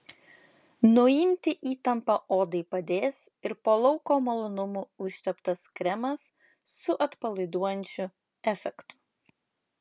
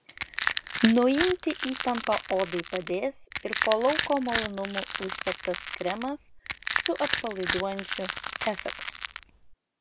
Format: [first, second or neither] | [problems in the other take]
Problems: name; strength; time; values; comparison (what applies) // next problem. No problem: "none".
first | background sound (Crushing); 4 dB below the speech